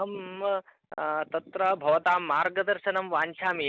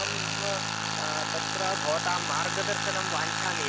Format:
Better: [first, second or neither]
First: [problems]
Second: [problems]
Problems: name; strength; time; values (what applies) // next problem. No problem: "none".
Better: first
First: none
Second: background sound (Tools); 3 dB above the speech